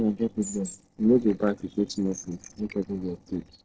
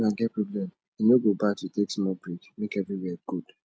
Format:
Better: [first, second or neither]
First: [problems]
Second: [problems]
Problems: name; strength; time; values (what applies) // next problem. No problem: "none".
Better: second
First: noise reduction (neural separator model SepFormer DNS4)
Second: none